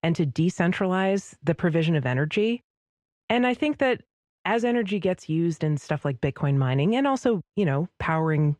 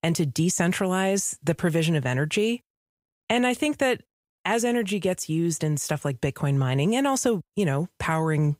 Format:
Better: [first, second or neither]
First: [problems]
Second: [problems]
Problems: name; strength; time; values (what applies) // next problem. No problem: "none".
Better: second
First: muffled; slightly; fading above 3 kHz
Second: none